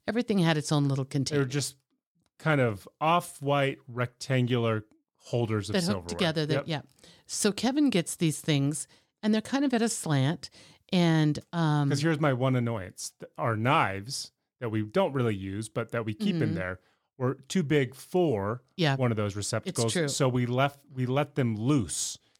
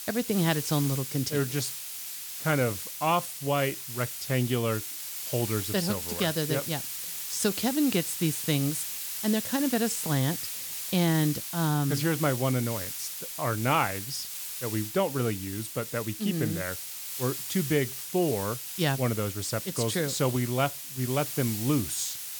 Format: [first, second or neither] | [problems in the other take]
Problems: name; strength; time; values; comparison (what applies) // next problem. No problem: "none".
first | hiss; loud; throughout; 5 dB below the speech